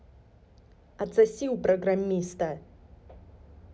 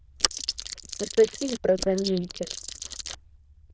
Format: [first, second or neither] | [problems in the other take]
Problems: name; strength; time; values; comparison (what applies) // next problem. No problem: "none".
first | noise reduction (neural diffusion model UNIVERSE++)